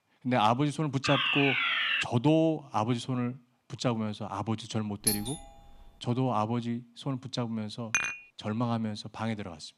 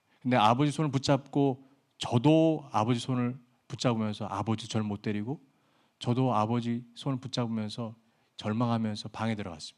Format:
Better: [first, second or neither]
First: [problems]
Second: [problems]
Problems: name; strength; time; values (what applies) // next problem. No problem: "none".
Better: second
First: alarm; loud; at 1 s; peak 5 dB above the speech // doorbell; loud; at 5 s; peak 1 dB above the speech // clattering dishes; loud; at 8 s; peak 2 dB above the speech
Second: none